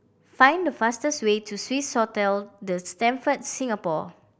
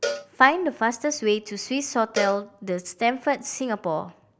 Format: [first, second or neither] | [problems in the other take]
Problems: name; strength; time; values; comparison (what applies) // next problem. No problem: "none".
first | background sound (Cowbell); 11 dB below the speech